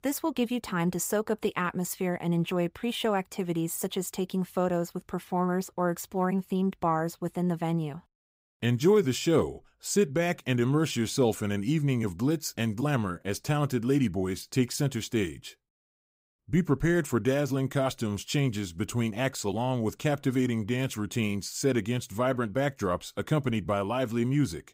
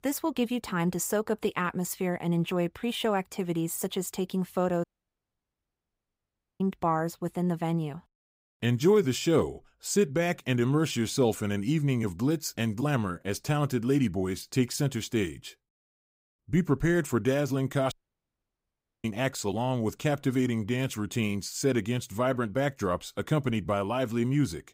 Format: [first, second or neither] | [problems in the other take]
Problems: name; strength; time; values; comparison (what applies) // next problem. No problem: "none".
first | audio cutting out; at 5 s for 2 s and at 18 s for 1 s